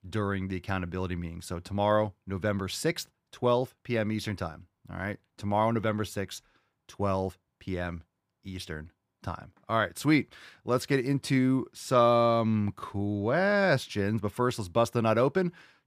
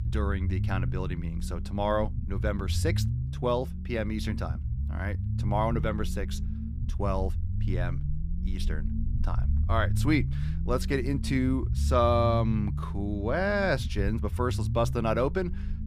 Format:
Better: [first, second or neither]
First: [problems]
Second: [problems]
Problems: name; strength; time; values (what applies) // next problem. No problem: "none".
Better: first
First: none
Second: low rumble; noticeable; throughout; 15 dB below the speech